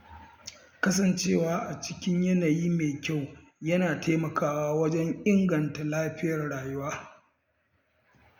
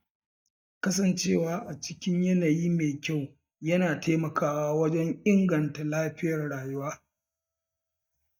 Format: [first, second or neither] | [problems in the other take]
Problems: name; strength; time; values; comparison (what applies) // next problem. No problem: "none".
first | noise reduction (neural mask model DeepFilterNet 3)